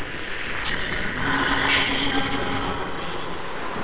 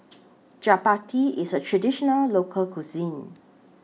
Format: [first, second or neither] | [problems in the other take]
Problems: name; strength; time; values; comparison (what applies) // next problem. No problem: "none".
second | noise reduction (neural separator model SepFormer WHAMR!)